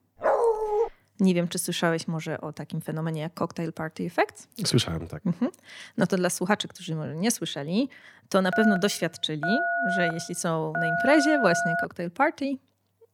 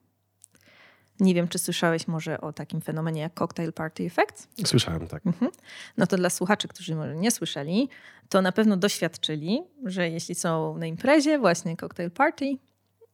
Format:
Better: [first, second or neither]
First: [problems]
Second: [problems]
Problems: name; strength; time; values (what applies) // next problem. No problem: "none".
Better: second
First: dog barking; loud; at the start; peak 4 dB above the speech // phone ringing; loud; from 8.5 to 12 s; peak 2 dB above the speech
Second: none